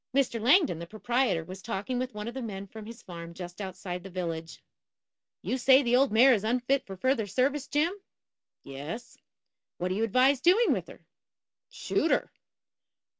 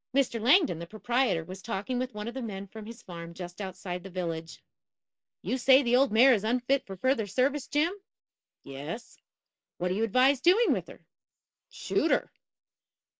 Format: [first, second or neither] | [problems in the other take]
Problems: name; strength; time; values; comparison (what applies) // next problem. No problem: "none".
first | noise reduction (neural mask model Resemble Enhance denoiser)